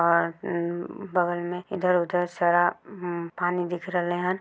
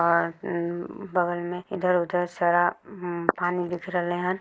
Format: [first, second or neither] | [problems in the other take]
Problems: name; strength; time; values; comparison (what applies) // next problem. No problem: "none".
first | noise reduction (neural mask model Resemble Enhance denoiser)